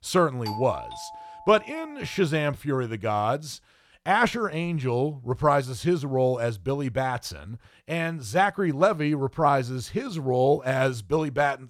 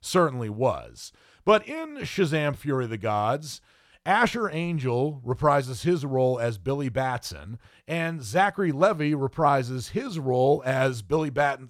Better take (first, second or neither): second